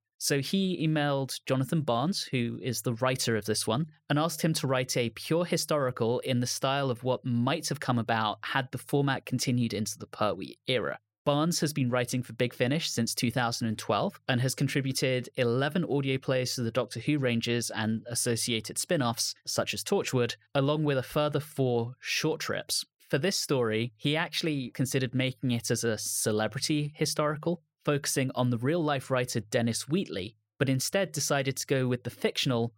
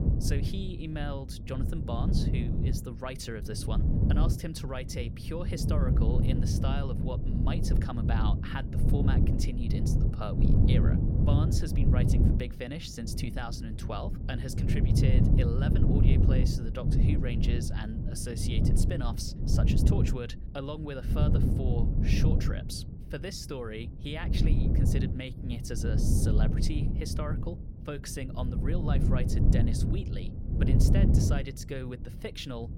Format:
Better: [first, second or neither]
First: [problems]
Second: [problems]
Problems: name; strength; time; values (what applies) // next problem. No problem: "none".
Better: first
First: none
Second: wind noise on the microphone; heavy; as loud as the speech